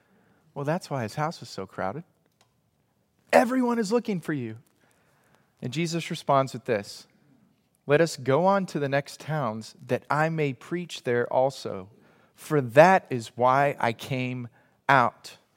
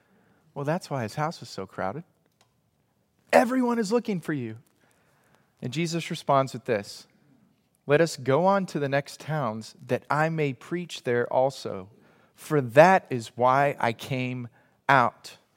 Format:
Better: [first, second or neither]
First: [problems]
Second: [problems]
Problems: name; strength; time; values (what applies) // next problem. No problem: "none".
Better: neither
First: none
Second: none